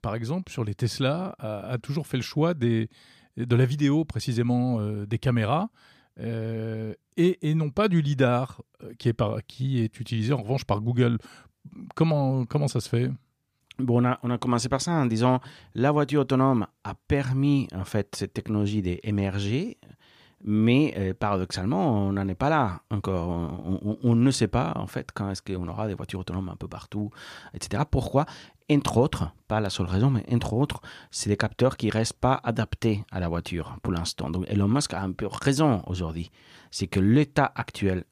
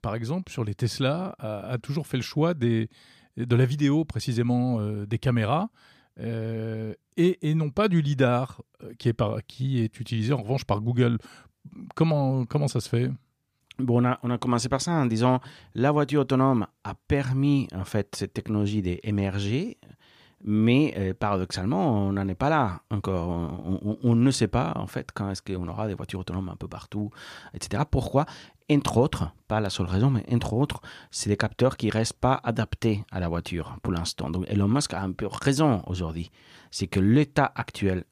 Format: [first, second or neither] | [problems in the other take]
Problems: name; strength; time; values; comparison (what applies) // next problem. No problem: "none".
neither | none